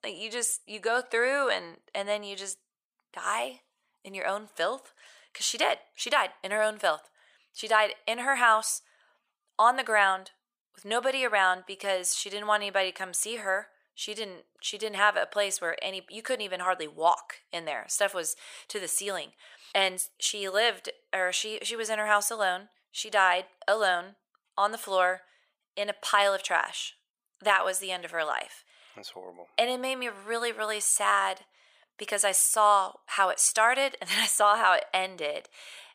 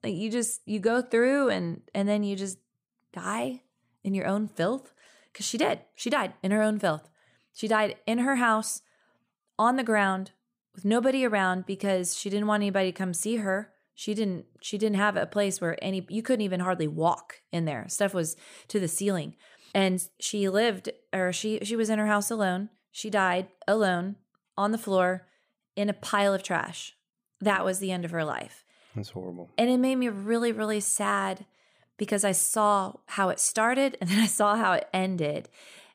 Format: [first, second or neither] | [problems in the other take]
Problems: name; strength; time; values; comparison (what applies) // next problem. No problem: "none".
second | thin; very; fading below 800 Hz